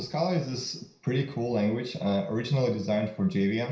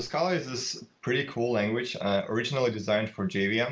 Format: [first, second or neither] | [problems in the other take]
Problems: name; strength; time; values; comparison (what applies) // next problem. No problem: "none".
second | room echo; dies away in 0.5 s